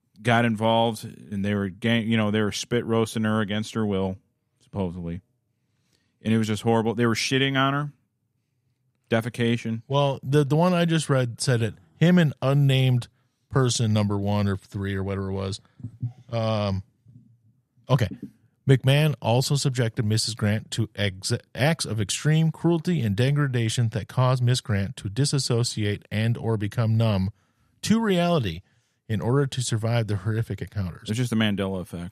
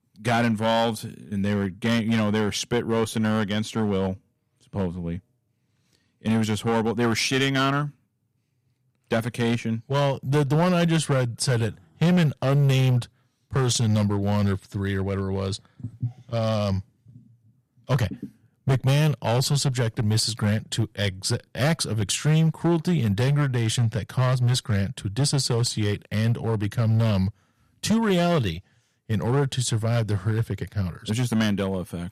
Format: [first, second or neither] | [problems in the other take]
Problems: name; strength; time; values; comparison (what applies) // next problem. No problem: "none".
first | distortion; slight; 7% of the sound clipped